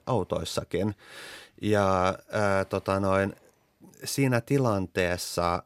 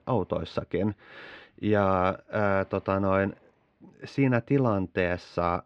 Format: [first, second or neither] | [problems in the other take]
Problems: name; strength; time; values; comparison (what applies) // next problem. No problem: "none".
first | muffled; slightly; fading above 3 kHz